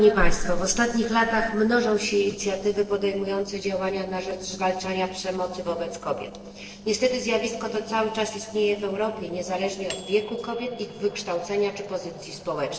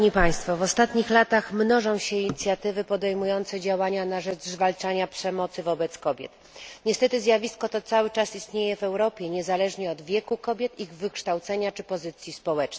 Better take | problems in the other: second | noise reduction (neural separator model SepFormer DNS4)

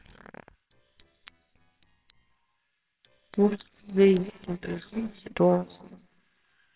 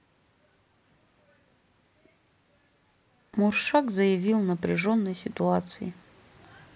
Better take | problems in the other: second | noise reduction (neural separator model SepFormer WHAMR!)

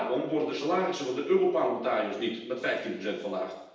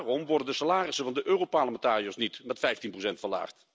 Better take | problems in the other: second | room echo; dies away in 0.9 s

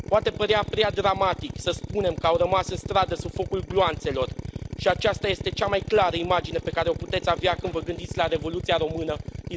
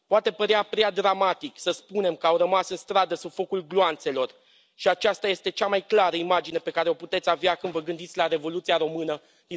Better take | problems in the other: second | background sound (Drill); 9 dB below the speech

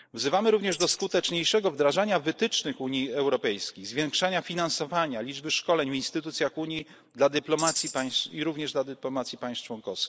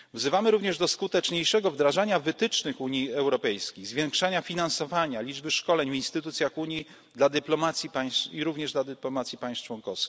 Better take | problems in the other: second | noise reduction (neural mask model Resemble Enhance denoiser)

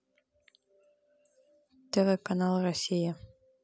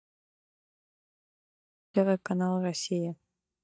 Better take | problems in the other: first | noise reduction (neural mask model DeepFilterNet 3)

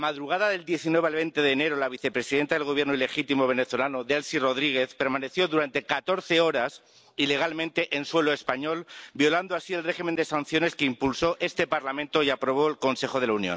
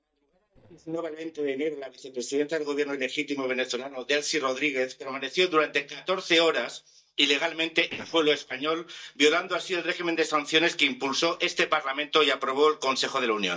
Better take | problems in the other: first | noise reduction (neural mask model DeepFilterNet 3)

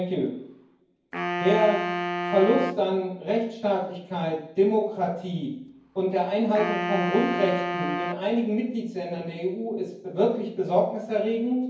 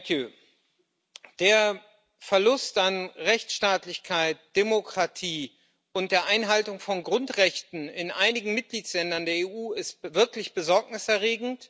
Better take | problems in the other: second | background sound (Wind instrument, woodwind instrument); 5 dB below the speech // room echo; dies away in 0.9 s

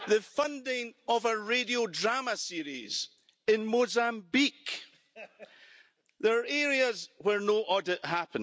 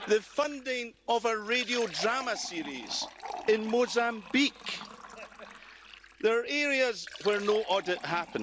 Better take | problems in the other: first | background sound (Fill (with liquid)); 15 dB below the speech

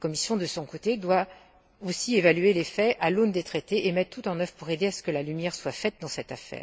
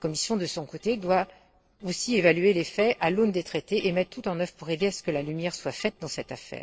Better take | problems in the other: first | noise reduction (neural separator model SepFormer DNS4)

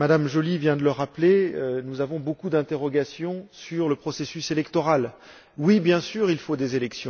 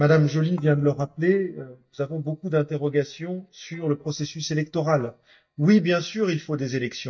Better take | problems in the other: first | noise reduction (neural mask model DeepFilterNet 3)

